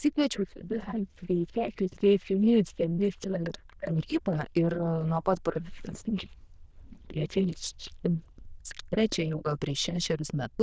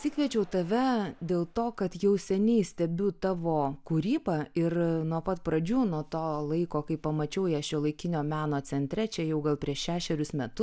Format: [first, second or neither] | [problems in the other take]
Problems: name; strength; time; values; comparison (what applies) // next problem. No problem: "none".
second | noise reduction (neural diffusion model UNIVERSE++)